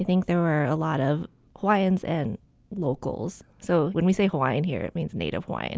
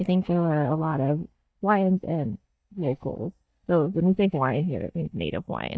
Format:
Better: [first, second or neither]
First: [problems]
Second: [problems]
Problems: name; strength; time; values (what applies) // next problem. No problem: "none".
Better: first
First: none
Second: noise reduction (neural mask model DeepFilterNet 3)